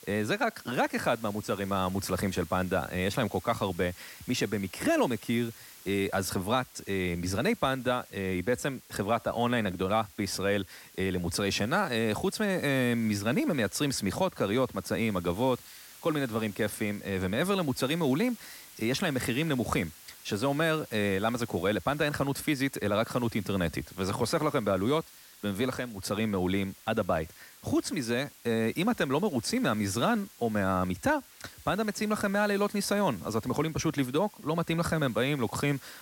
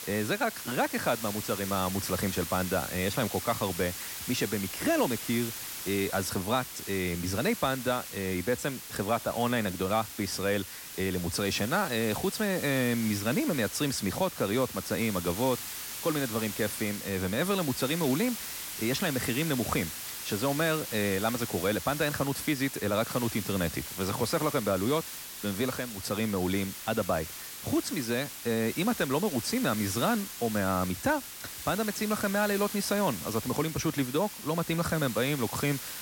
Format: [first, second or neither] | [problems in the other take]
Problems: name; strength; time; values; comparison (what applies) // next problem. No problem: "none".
first | hiss; loud; throughout; 7 dB below the speech; faint in the first